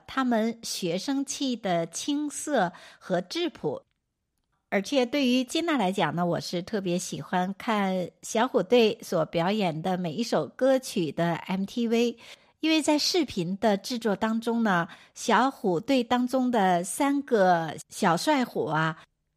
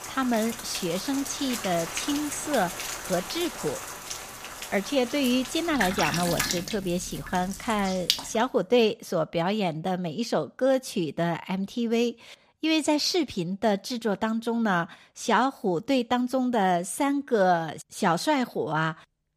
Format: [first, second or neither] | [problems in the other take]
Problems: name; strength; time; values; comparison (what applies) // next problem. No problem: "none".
first | rain or running water; loud; until 8 s; 6 dB below the speech